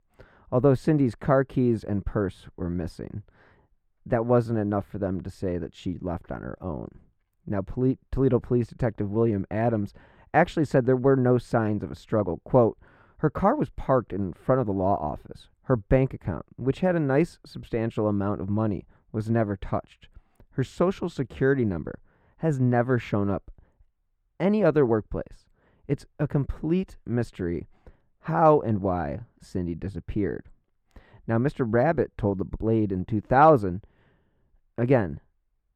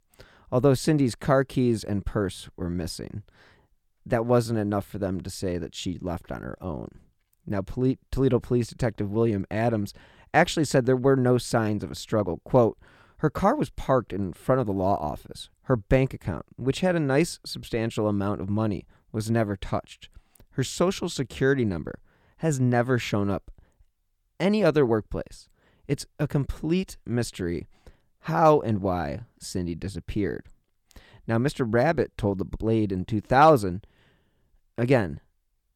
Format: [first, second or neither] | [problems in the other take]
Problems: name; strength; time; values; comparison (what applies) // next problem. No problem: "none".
second | muffled; slightly; fading above 2.5 kHz